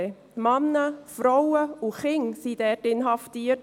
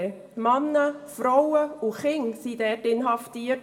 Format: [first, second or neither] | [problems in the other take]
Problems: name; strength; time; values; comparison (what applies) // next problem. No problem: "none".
first | room echo; dies away in 1.5 s